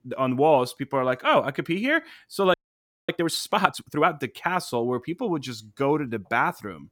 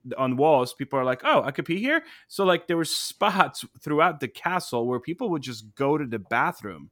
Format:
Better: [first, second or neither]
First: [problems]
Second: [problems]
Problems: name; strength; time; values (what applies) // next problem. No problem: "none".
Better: second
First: audio freezing; at 2.5 s for 0.5 s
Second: none